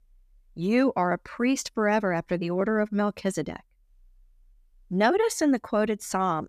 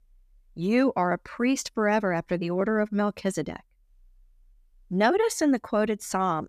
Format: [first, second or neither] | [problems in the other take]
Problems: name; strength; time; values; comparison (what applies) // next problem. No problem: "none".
neither | none